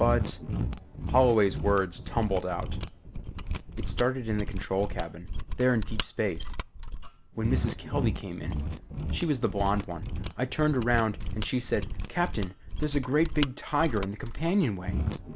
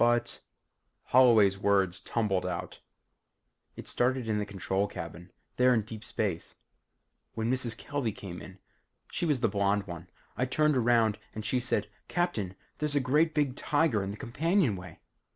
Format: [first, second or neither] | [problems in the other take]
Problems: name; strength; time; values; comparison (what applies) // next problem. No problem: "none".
second | background sound (Mechanisms); 3 dB below the speech